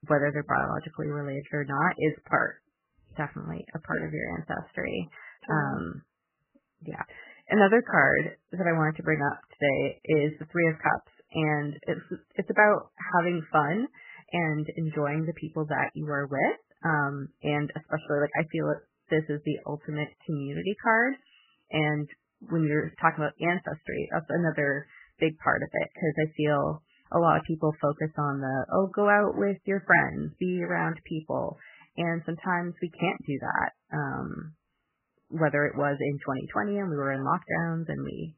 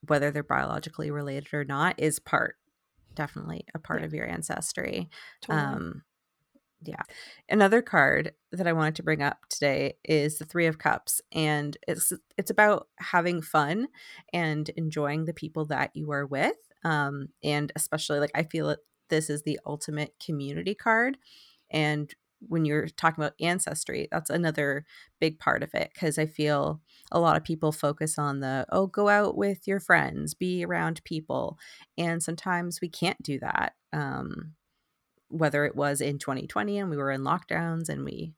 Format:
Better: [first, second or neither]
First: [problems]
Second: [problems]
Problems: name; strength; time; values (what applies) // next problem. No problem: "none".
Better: second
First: garbled, watery; badly; nothing above 3 kHz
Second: none